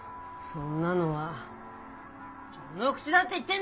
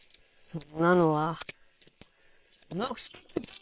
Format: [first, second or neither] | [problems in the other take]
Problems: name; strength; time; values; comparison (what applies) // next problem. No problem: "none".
first | noise reduction (neural separator model SepFormer WHAM!)